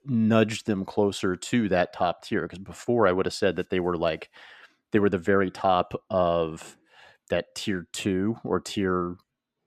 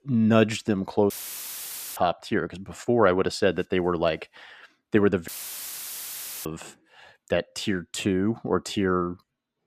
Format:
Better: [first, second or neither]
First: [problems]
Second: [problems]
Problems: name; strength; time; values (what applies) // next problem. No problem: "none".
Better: first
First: none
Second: audio cutting out; filled with static; at 1 s for 1 s and at 5.5 s for 1 s